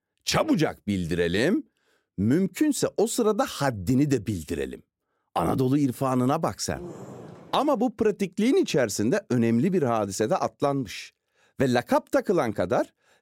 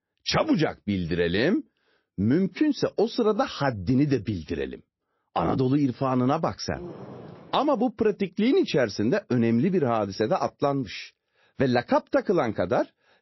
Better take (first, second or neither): first